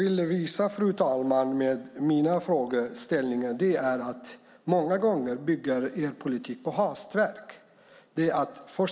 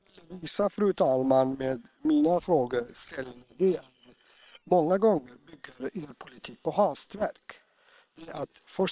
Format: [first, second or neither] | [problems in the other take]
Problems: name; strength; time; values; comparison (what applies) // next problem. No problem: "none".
first | noise reduction (neural separator model SepFormer WHAM!)